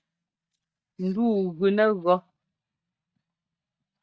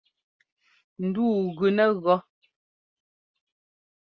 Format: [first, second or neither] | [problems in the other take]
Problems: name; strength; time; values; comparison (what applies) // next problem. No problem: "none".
second | noise reduction (neural mask model DeepFilterNet 3)